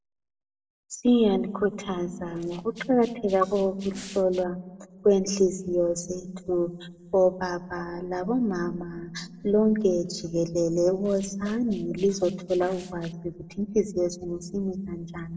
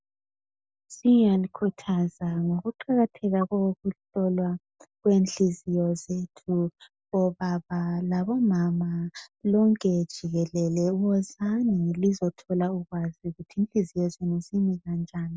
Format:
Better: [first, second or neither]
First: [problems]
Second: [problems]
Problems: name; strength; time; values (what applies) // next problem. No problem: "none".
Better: second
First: noise reduction (neural separator model SepFormer DNS4)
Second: none